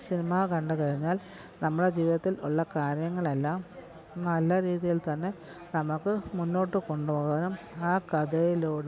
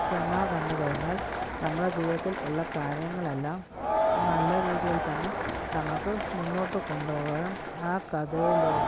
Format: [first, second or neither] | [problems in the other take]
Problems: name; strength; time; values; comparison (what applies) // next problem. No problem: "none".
first | background sound (Crowd); 1 dB above the speech